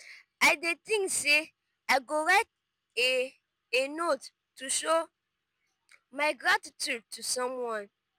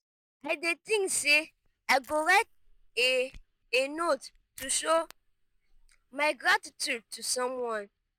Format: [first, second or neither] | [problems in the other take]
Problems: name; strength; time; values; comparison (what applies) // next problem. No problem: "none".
first | noise reduction (neural mask model DeepFilterNet 3)